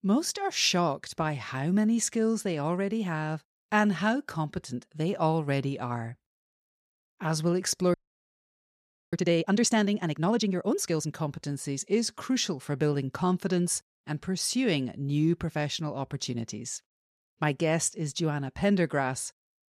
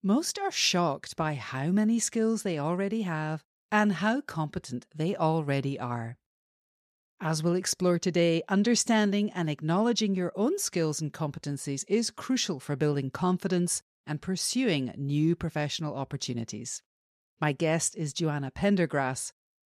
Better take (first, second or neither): second